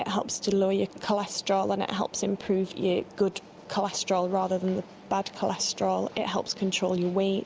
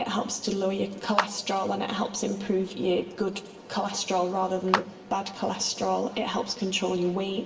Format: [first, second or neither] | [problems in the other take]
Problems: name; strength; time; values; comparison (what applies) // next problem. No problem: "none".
first | background sound (Clapping); 6 dB below the speech // room echo; dies away in 0.9 s